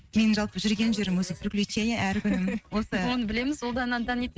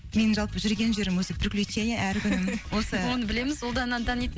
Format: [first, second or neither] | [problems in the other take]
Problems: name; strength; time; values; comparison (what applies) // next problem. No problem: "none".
second | noise reduction (neural mask model RNNoise)